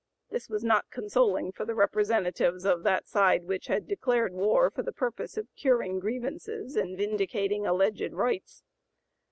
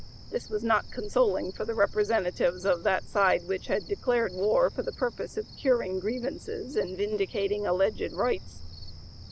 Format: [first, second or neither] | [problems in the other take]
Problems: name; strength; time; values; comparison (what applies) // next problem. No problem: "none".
first | background sound (Cricket); 15 dB below the speech